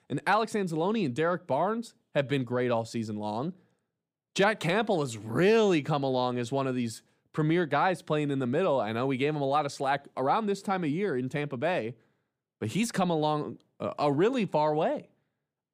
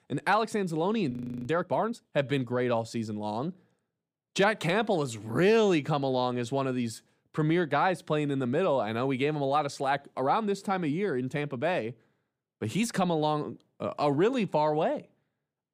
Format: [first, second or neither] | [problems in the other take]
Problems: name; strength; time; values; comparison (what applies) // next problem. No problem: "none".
first | audio freezing; at 1 s